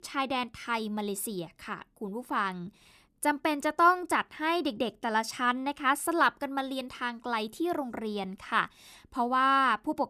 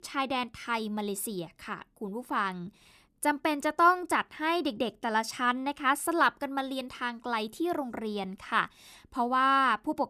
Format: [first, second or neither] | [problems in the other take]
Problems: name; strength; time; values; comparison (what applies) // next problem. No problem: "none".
neither | none